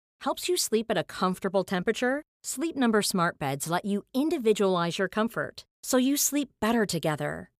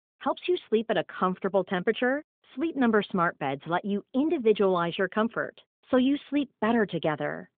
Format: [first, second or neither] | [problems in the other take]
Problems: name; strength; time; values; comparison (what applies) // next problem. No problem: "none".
first | phone-call audio; nothing above 3.5 kHz